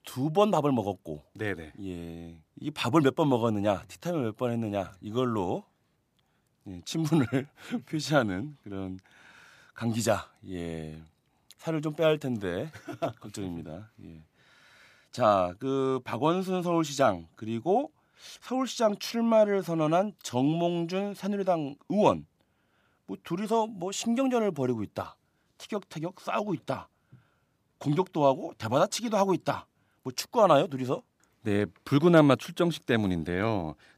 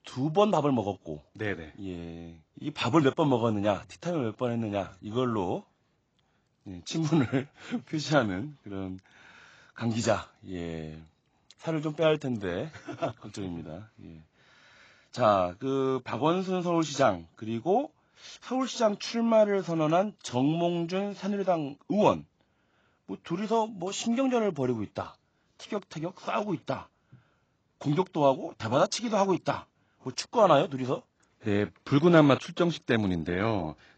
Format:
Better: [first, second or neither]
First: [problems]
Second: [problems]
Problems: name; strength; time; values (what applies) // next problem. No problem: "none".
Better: first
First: none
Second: garbled, watery; badly; nothing above 7.5 kHz